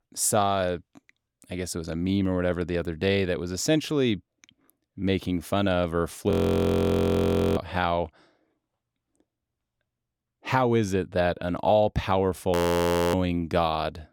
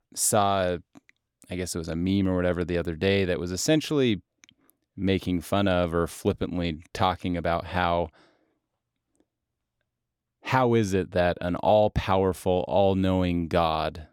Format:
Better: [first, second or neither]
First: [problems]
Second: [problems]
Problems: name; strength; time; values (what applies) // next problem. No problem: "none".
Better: second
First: audio freezing; at 6.5 s for 1.5 s and at 13 s for 0.5 s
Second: none